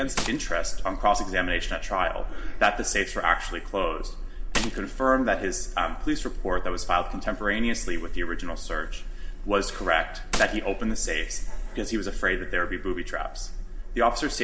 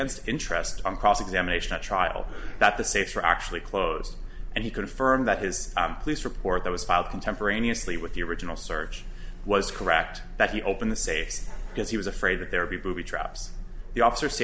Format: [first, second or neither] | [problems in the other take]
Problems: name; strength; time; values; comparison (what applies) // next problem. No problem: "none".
second | background sound (Gunshot, gunfire); 12 dB below the speech // room echo; dies away in 1.5 s